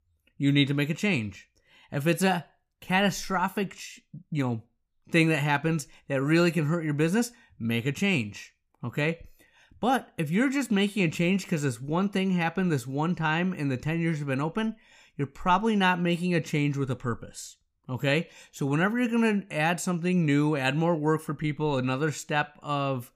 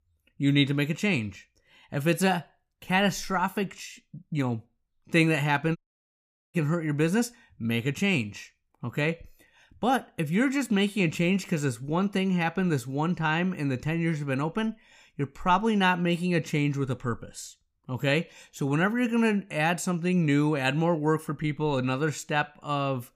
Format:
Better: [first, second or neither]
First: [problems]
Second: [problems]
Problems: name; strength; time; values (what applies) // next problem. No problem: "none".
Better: first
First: none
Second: audio cutting out; at 6 s for 1 s